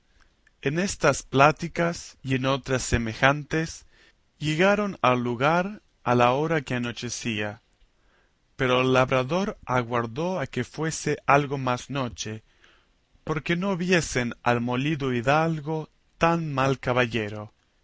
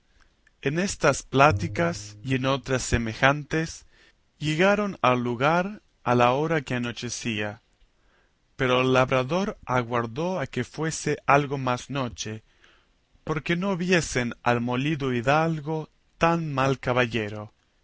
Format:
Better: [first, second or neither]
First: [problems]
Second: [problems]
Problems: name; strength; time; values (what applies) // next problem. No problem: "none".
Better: first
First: none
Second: background sound (Bowed string instrument); 12 dB below the speech